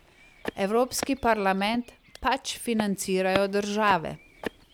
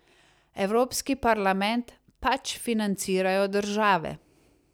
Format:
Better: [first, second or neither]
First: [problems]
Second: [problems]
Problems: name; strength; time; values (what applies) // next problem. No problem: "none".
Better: second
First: background sound (Walk, footsteps); 13 dB below the speech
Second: none